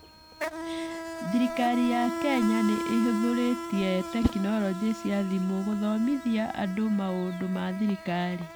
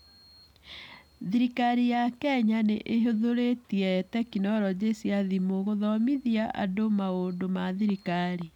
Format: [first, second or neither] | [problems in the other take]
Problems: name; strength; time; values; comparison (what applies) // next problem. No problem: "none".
second | background sound (Whoosh, swoosh, swish + Insect); 7 dB below the speech